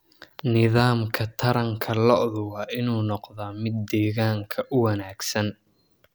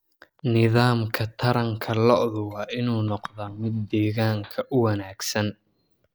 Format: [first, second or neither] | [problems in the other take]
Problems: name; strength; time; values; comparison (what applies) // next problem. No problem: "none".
first | noise reduction (neural mask model DeepFilterNet 3)